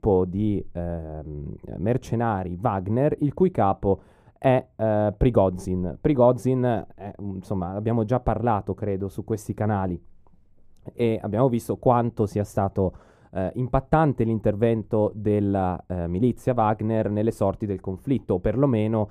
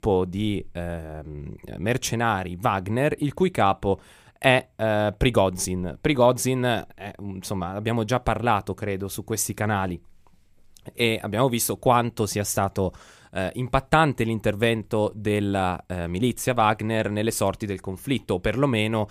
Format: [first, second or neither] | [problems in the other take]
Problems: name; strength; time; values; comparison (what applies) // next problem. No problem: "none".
second | muffled; very; fading above 1.5 kHz